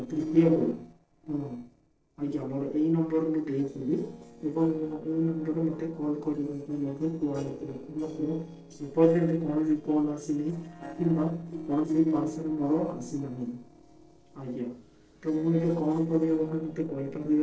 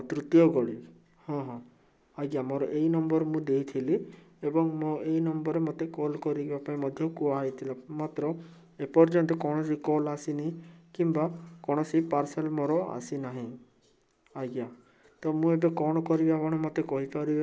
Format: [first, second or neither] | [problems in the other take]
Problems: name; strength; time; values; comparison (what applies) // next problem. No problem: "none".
second | noise reduction (neural separator model SepFormer DNS4)